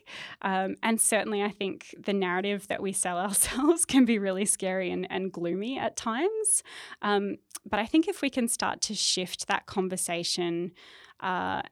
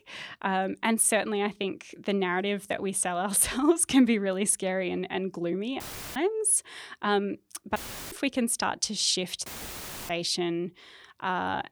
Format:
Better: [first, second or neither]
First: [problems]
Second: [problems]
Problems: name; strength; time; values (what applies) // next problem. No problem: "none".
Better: first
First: none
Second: audio cutting out; filled with static; at 6 s, at 8 s and at 9.5 s for 0.5 s